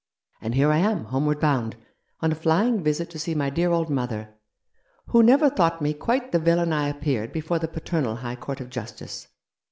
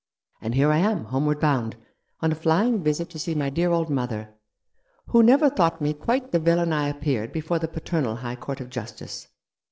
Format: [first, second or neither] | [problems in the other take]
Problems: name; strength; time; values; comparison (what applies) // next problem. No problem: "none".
first | noise reduction (neural separator model SepFormer DNS4)